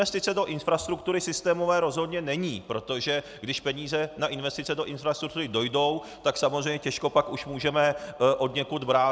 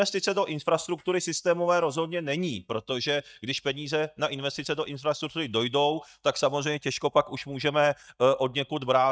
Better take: first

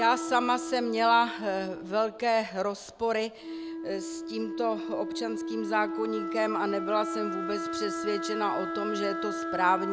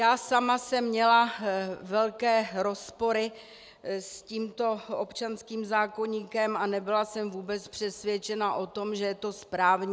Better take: second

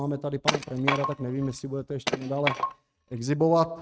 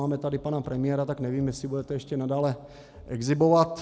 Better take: second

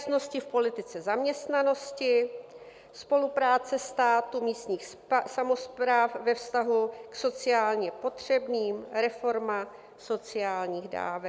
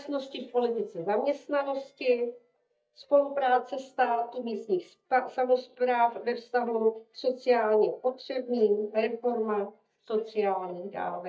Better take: first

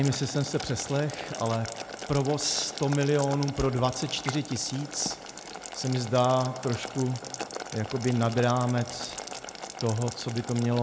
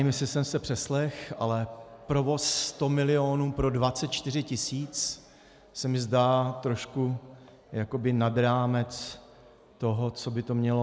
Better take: second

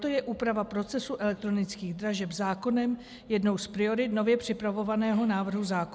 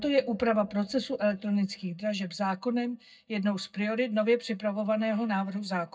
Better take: first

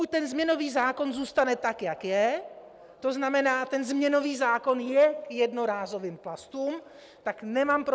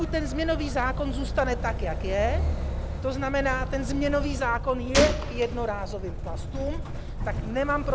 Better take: first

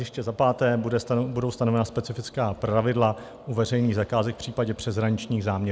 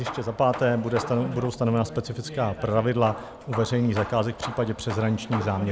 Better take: first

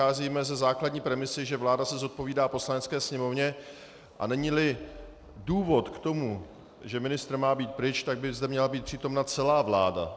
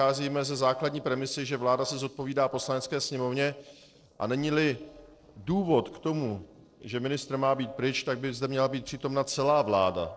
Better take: first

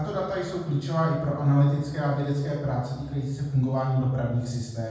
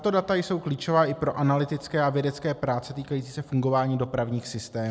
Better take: second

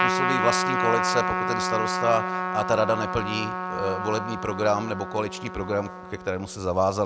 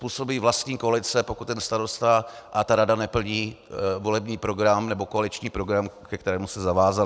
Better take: second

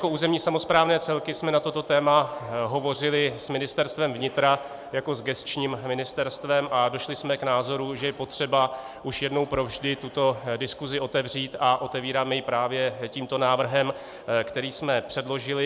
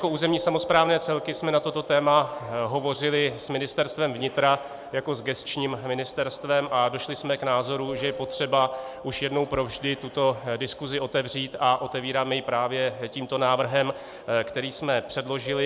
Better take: first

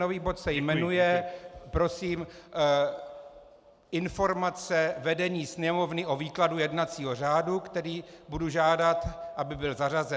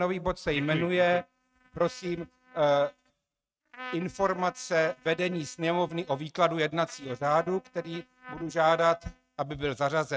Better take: first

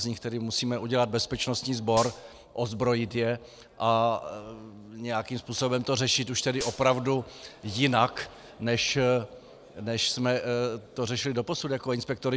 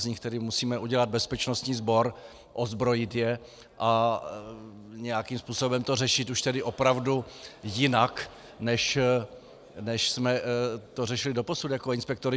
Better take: second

